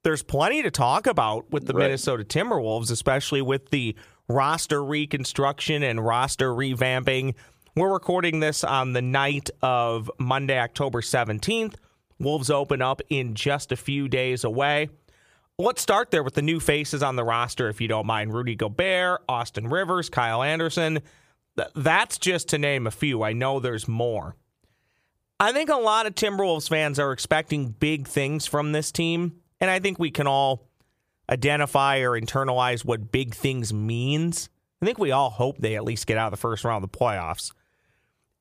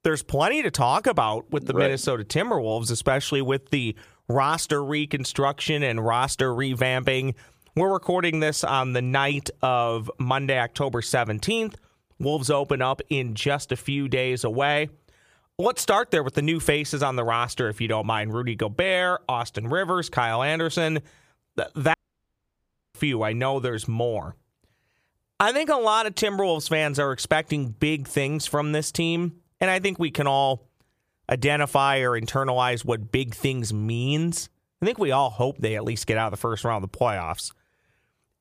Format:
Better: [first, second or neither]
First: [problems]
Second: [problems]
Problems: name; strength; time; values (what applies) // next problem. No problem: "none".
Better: first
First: none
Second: audio cutting out; at 22 s for 1 s